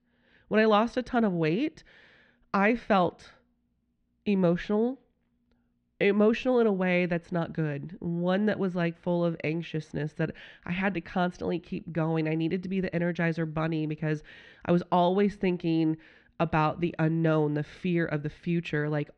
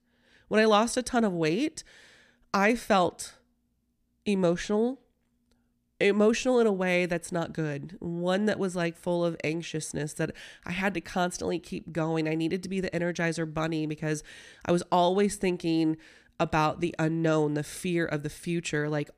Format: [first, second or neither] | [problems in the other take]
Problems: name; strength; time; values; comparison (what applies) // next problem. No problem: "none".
second | muffled; slightly; fading above 3.5 kHz